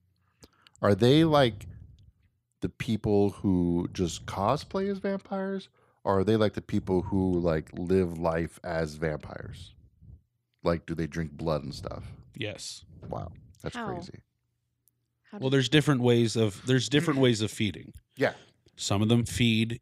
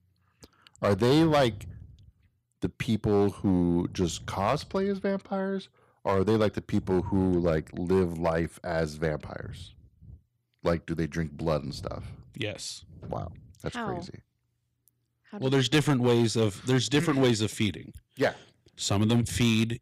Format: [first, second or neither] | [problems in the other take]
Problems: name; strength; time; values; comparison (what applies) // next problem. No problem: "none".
first | distortion; slight; 3% of the sound clipped